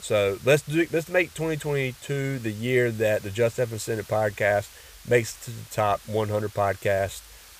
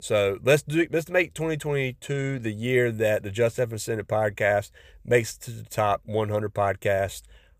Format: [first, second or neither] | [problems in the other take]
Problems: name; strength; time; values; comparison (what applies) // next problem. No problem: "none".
second | hiss; faint; throughout; 20 dB below the speech